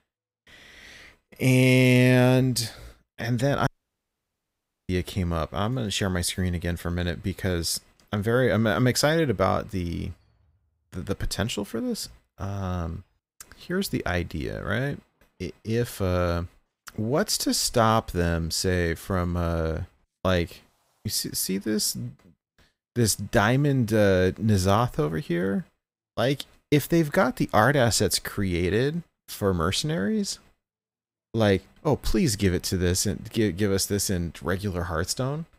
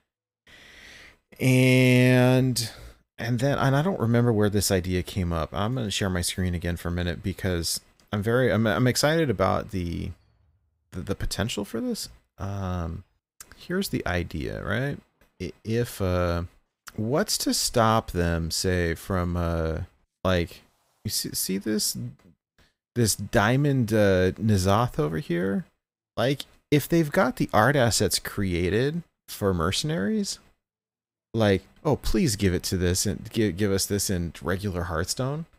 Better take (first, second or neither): second